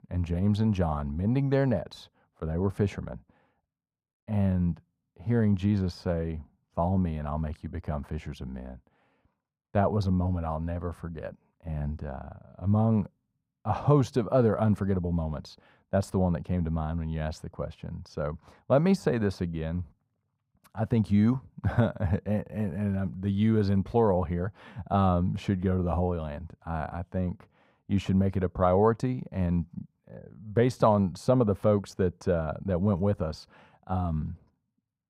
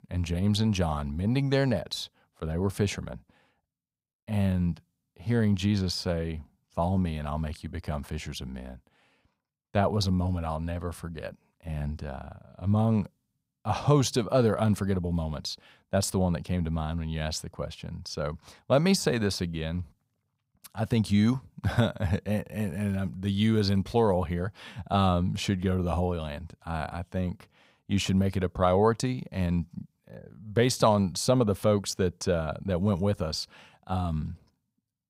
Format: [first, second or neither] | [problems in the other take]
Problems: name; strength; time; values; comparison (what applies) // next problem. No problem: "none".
second | muffled; slightly; fading above 2.5 kHz